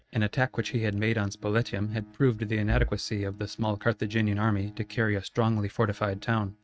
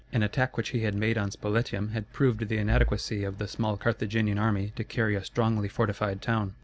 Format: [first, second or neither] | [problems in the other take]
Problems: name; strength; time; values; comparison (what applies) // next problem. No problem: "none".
second | noise reduction (neural mask model RNNoise)